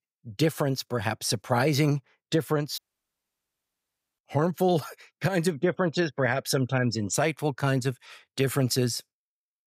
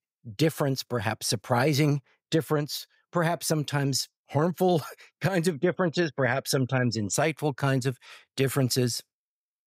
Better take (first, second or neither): second